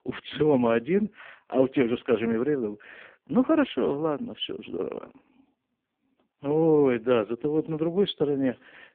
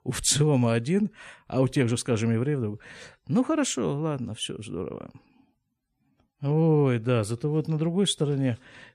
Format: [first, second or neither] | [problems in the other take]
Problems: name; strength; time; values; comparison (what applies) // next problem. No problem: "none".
second | phone-call audio; poor line; nothing above 3.5 kHz